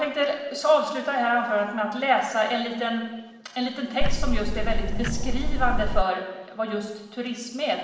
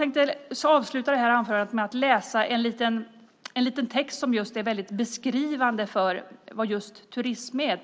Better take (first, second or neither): second